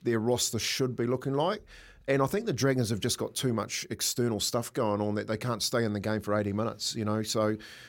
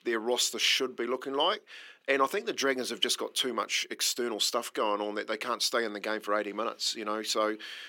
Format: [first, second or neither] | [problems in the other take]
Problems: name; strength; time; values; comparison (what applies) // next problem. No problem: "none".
first | thin; somewhat; fading below 300 Hz